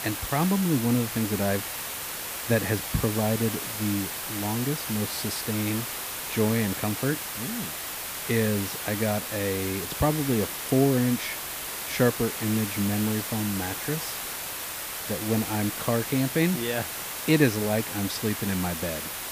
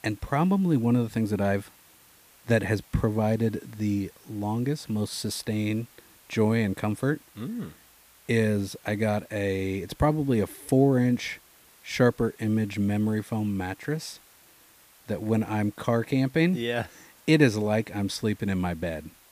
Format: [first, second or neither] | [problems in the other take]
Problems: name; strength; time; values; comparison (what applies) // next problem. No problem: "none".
second | hiss; loud; throughout; 4 dB below the speech; faint in the second